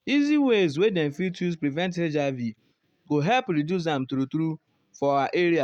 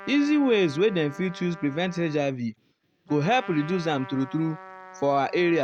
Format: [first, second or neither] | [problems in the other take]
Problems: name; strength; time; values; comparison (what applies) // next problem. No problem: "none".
first | background sound (Trumpet); 17 dB below the speech